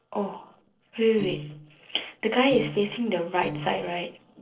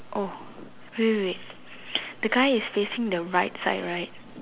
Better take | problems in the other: second | noise reduction (neural separator model SepFormer DNS4)

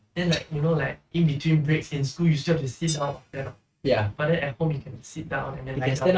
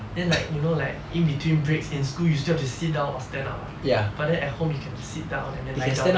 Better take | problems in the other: second | noise reduction (neural mask model RNNoise)

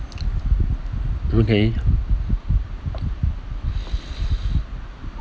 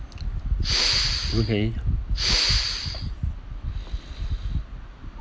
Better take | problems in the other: first | background sound (Respiratory sounds); 1 dB above the speech

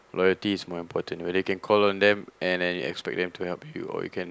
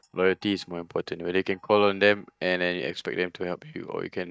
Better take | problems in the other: first | noise reduction (neural mask model DeepFilterNet 3)

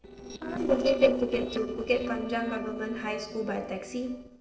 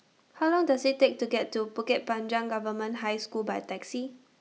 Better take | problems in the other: second | noise reduction (neural separator model SepFormer DNS4)

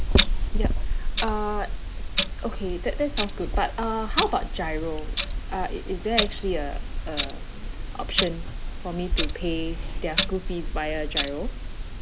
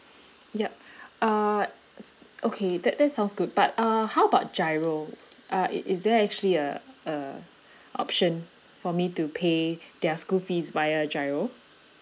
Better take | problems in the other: second | background sound (Clock); 4 dB above the speech

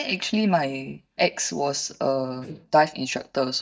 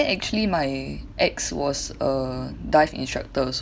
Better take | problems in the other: second | noise reduction (neural mask model DeepFilterNet 3)

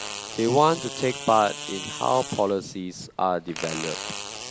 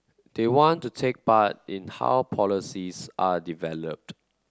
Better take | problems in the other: second | background sound (Fart); 10 dB below the speech

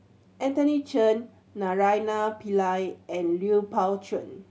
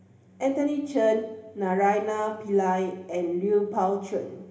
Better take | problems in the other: first | room echo; dies away in 1 s

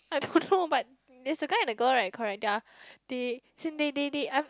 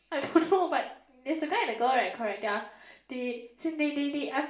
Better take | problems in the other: first | room echo; dies away in 0.5 s

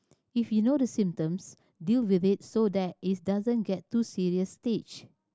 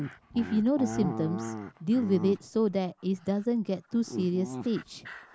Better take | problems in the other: first | background sound (Dog); 10 dB below the speech

